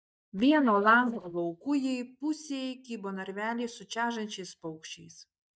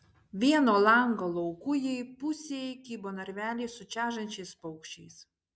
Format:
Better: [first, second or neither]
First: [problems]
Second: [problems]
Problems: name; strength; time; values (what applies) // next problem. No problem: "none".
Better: second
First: noise reduction (neural mask model DeepFilterNet 3)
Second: none